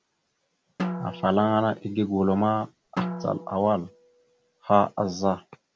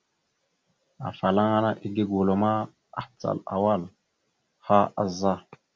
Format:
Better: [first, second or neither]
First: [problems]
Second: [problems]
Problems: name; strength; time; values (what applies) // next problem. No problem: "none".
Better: second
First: background sound (Drum); 11 dB below the speech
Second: none